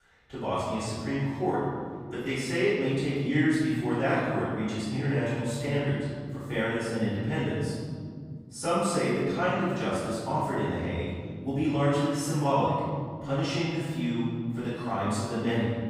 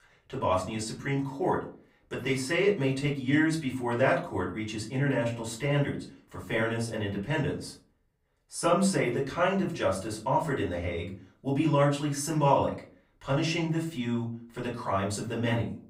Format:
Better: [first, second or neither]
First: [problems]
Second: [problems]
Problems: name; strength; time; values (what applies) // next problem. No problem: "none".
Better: second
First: room echo; strong; dies away in 2.5 s // off-mic speech; far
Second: room echo; slight; dies away in 0.4 s // off-mic speech; far